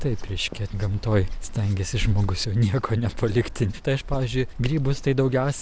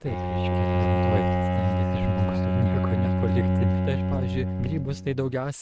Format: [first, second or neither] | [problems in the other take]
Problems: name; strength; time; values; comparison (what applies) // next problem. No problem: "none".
first | noise reduction (neural mask model RNNoise)